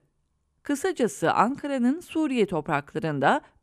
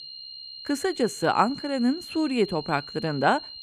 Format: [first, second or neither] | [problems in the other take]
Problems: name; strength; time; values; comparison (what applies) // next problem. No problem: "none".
first | high-pitched whine; noticeable; throughout; 4 kHz, 10 dB below the speech